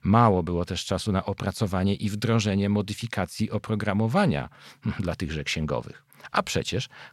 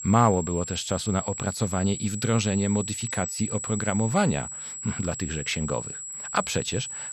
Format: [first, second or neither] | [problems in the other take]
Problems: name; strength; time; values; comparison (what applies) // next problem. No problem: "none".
first | high-pitched whine; loud; throughout; 7.5 kHz, 6 dB below the speech